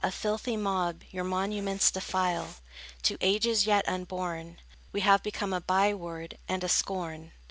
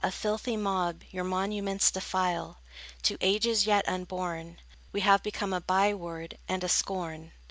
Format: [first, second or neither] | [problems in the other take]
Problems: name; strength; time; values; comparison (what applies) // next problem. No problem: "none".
second | background sound (Writing); 19 dB below the speech